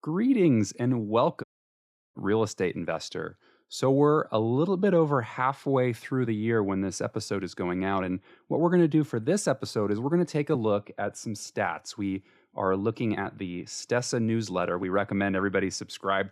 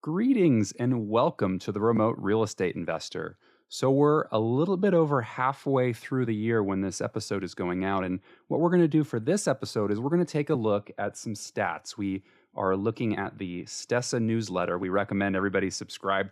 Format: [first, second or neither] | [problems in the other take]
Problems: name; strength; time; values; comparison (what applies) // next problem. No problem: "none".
second | audio cutting out; at 1.5 s for 0.5 s